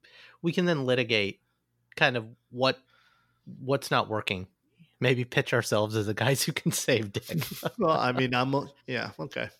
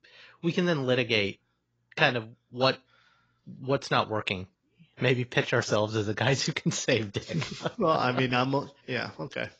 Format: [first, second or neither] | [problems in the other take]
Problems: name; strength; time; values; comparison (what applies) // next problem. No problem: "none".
first | garbled, watery; badly